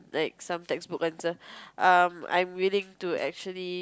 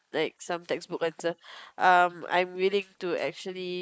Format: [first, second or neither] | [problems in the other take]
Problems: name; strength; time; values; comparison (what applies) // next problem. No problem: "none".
first | noise reduction (neural mask model Resemble Enhance denoiser)